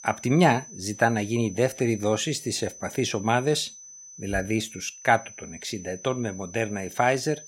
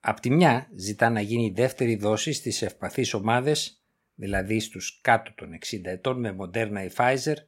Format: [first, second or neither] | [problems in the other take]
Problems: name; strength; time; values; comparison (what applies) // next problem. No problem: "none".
second | high-pitched whine; noticeable; throughout; 6 kHz, 15 dB below the speech